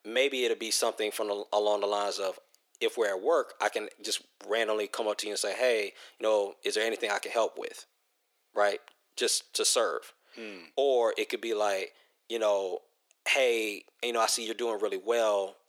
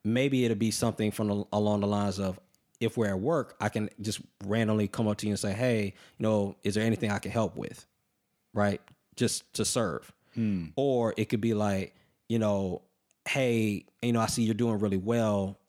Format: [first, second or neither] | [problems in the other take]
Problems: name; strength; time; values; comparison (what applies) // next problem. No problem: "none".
second | thin; very; fading below 400 Hz